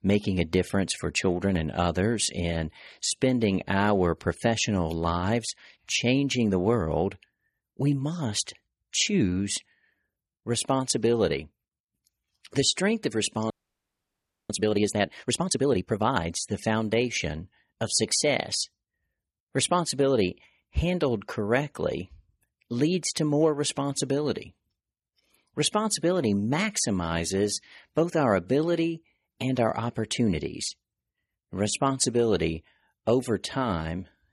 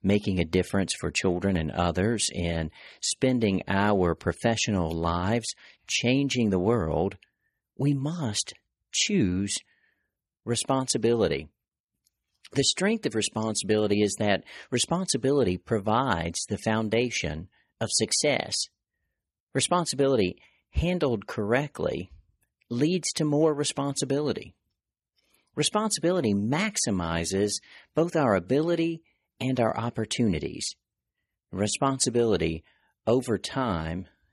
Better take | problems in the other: second | audio freezing; at 14 s for 1 s

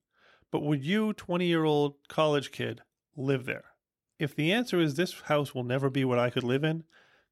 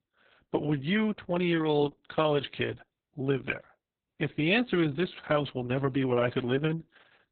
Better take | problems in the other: first | garbled, watery; badly; nothing above 3.5 kHz

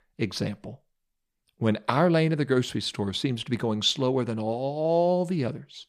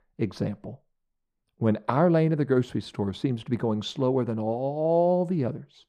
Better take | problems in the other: first | muffled; slightly; fading above 2 kHz

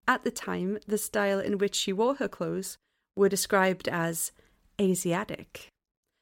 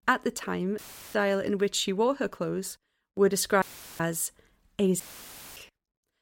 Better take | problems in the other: first | audio cutting out; filled with static; at 1 s, at 3.5 s and at 5 s for 0.5 s

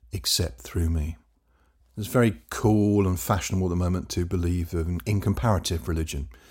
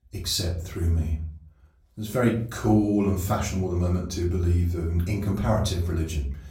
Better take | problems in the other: first | off-mic speech; far // room echo; slight; dies away in 0.4 s

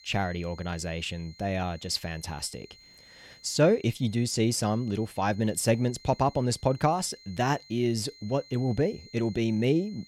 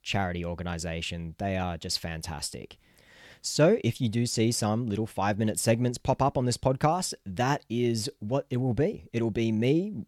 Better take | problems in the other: second | high-pitched whine; faint; throughout; 4 kHz, 25 dB below the speech

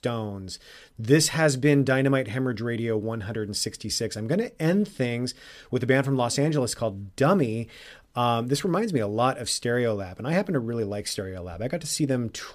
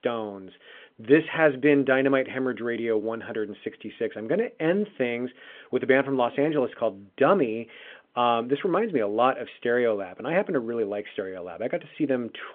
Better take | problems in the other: first | phone-call audio; nothing above 3.5 kHz

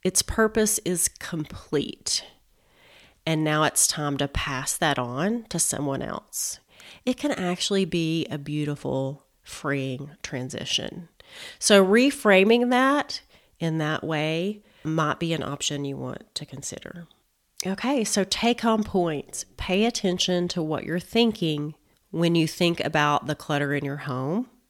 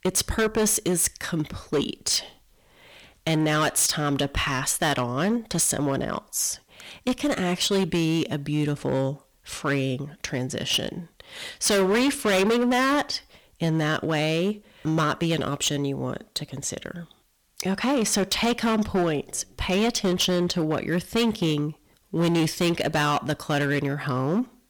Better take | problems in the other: first | distortion; heavy; 11% of the sound clipped

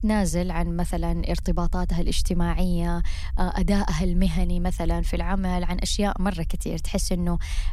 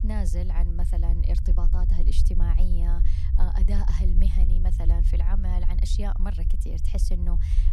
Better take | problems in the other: first | low rumble; loud; throughout; 5 dB below the speech; faint in the first

